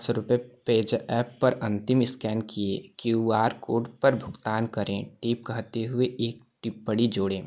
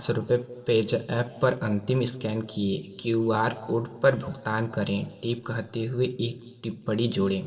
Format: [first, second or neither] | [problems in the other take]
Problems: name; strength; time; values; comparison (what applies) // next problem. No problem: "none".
first | room echo; dies away in 2.4 s